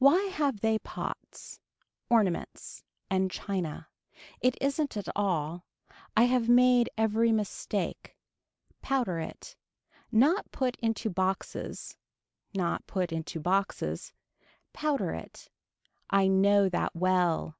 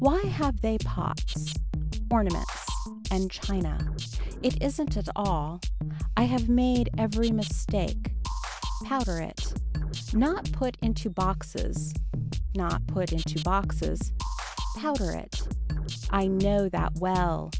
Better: first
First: none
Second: background sound (Drum kit); as loud as the speech

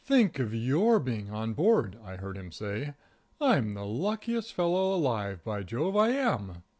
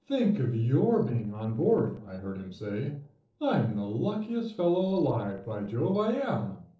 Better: first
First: none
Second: noise reduction (neural separator model SepFormer DNS4)

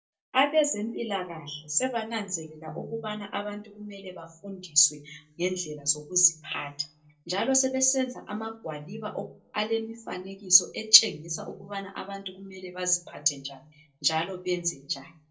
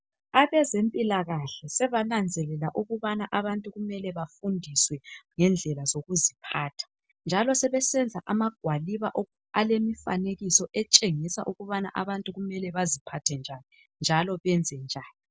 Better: second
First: room echo; dies away in 0.2 s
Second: none

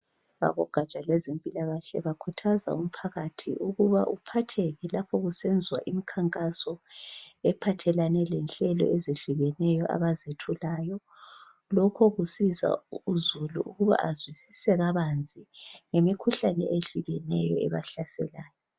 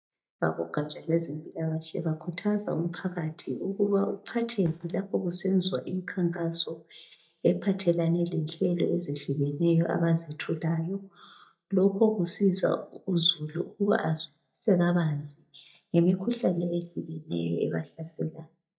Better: first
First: none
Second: noise reduction (neural mask model DeepFilterNet 3)

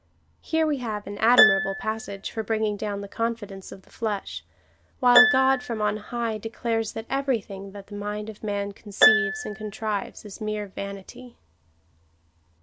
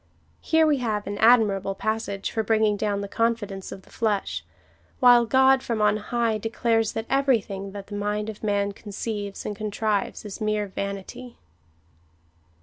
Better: second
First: background sound (Harp); 2 dB below the speech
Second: none

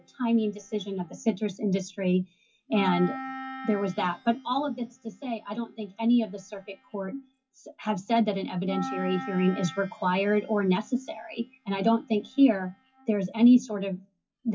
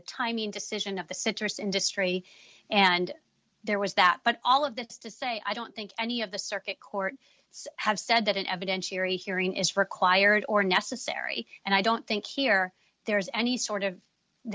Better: second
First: noise reduction (classical method WPE with log-MMSE)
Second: none

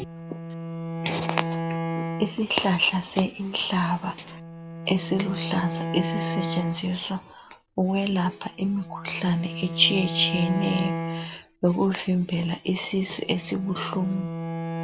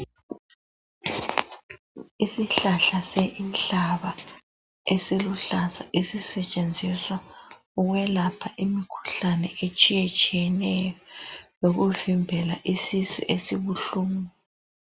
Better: second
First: background sound (Bowed string instrument); 6 dB below the speech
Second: none

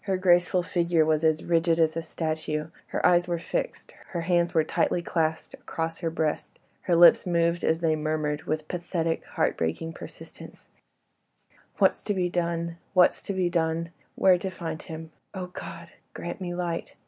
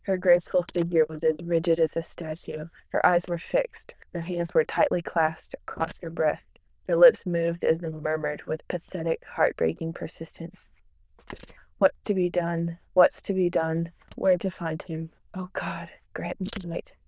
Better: first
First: none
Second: noise reduction (neural diffusion model UNIVERSE++)

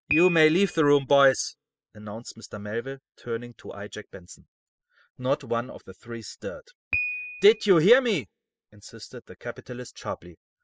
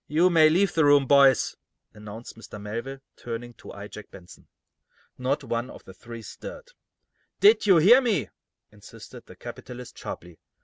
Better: second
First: noise reduction (classical method spectral subtraction)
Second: none

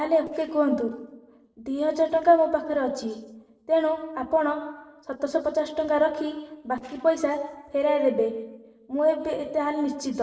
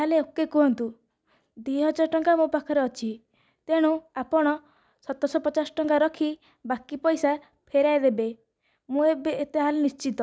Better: second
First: noise reduction (neural separator model SepFormer DNS4)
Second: none

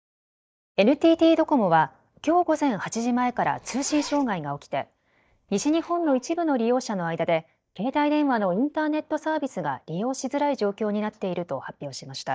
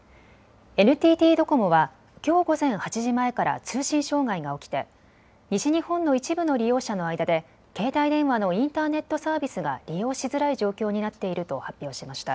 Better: second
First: noise reduction (neural mask model DeepFilterNet 3)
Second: none

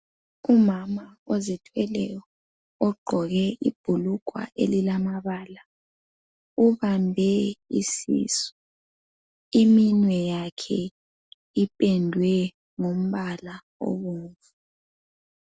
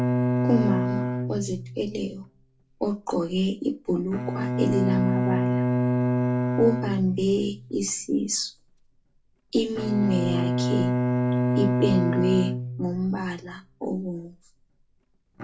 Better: first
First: none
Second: background sound (Bowed string instrument); as loud as the speech // room echo; dies away in 0.2 s

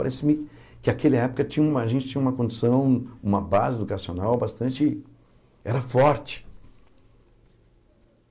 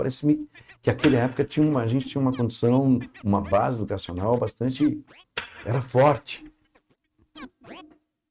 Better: first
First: none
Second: noise reduction (neural mask model RNNoise)

